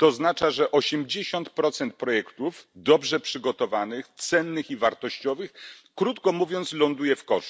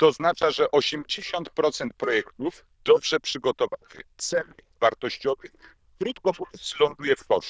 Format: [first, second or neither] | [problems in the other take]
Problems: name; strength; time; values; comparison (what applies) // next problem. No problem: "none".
first | noise reduction (neural diffusion model UNIVERSE++)